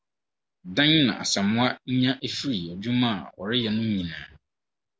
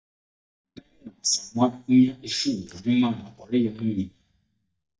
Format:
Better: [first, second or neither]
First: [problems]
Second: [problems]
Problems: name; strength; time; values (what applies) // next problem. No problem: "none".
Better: first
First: none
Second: noise reduction (neural mask model DeepFilterNet 3)